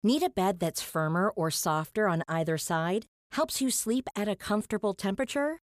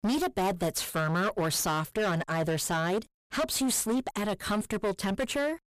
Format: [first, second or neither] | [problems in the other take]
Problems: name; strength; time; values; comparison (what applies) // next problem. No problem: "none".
first | distortion; heavy; 21% of the sound clipped